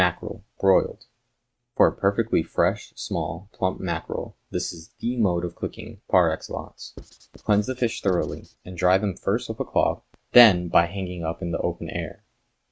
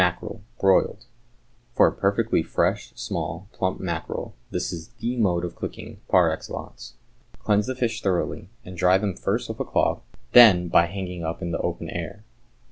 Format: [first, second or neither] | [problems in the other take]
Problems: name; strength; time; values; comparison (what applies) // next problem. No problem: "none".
second | noise reduction (neural mask model RNNoise)